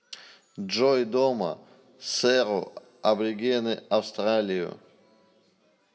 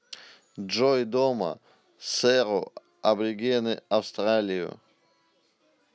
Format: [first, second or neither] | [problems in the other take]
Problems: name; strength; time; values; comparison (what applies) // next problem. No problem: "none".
second | room echo; dies away in 0.7 s